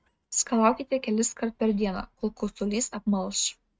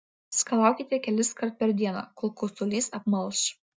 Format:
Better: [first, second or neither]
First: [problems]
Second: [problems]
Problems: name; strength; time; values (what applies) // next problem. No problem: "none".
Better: second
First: noise reduction (neural mask model RNNoise)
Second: none